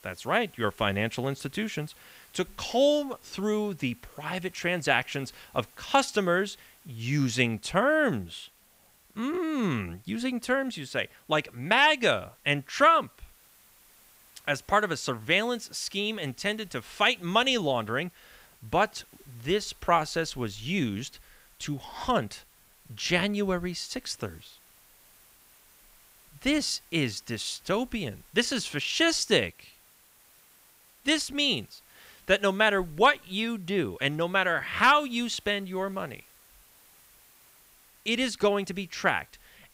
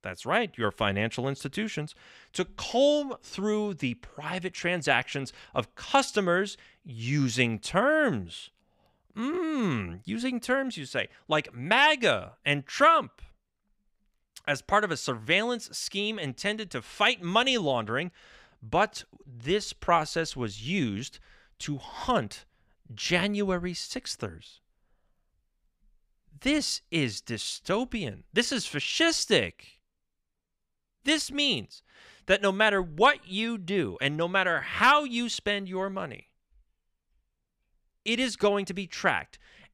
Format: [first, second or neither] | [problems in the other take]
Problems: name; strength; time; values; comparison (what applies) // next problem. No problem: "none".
second | hiss; faint; throughout; 30 dB below the speech